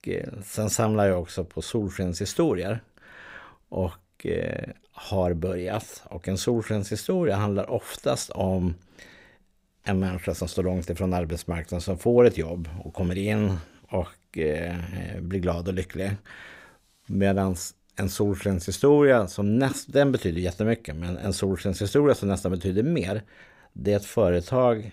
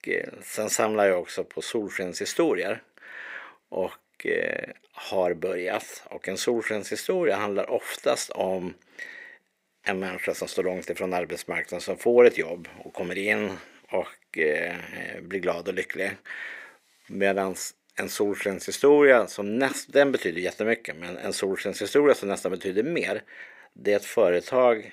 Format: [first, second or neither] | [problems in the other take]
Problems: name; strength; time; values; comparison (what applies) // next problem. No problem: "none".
first | thin; somewhat; fading below 350 Hz